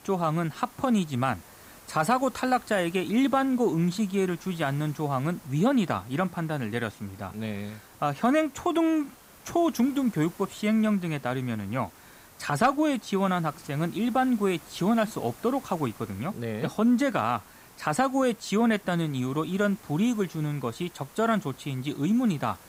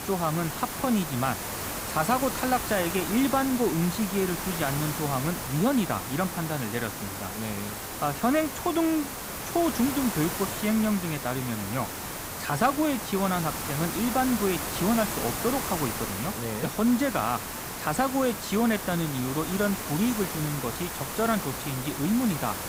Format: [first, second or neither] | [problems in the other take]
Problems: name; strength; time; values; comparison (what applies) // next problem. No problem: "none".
first | hiss; loud; throughout; 4 dB below the speech; faint in the first